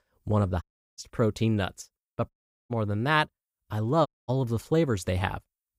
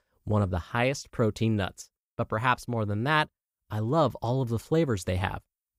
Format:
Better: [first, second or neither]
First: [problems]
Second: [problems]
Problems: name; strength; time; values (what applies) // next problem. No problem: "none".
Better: second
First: audio cutting out; at 0.5 s, at 2.5 s and at 4 s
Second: none